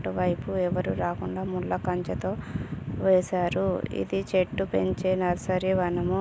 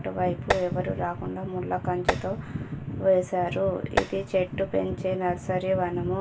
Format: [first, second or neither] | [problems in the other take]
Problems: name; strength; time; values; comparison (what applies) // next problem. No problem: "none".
first | background sound (Tap); 4 dB below the speech // room echo; dies away in 0.2 s